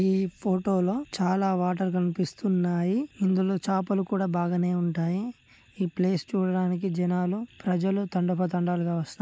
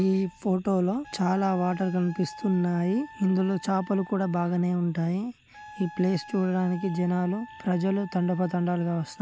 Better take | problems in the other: first | background sound (Wind instrument, woodwind instrument); 20 dB below the speech

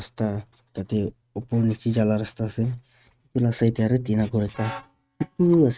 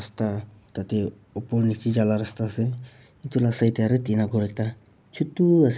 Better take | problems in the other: second | noise reduction (neural mask model RNNoise)

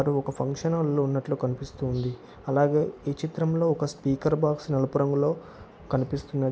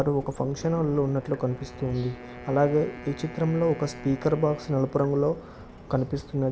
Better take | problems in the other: first | background sound (Drip / Water tap, faucet + Wind instrument, woodwind instrument); 17 dB below the speech

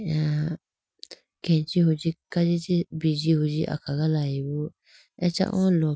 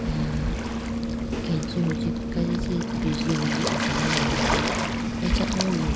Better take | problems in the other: first | background sound (Waves, surf); 4 dB above the speech

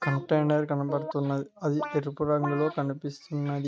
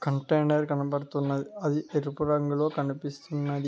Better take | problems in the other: second | noise reduction (neural mask model RNNoise)

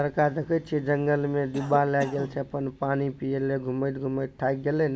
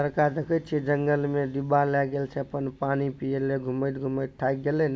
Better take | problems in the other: second | background sound (Cough); 15 dB below the speech

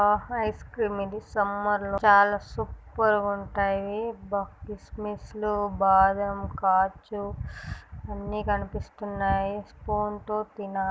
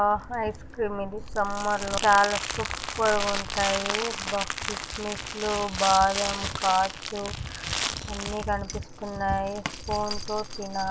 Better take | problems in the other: first | background sound (Crumpling, crinkling); 6 dB below the speech

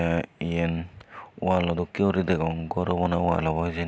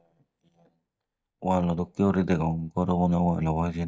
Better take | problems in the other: first | noise reduction (neural mask model DeepFilterNet 3)

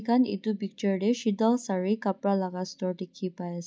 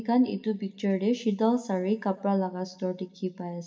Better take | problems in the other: first | room echo; dies away in 0.7 s

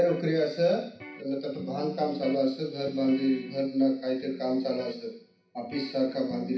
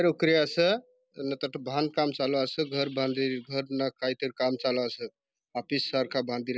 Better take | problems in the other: second | background sound (Electric guitar); 17 dB below the speech // room echo; dies away in 0.6 s

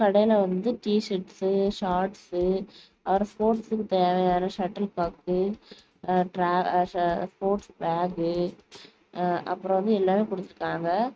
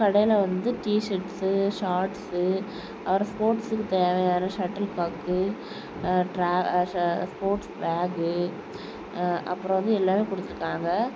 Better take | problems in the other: second | noise reduction (neural mask model RNNoise)

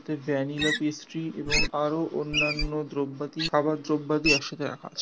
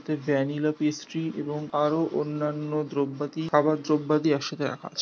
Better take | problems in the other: second | background sound (Wild animals); 3 dB below the speech

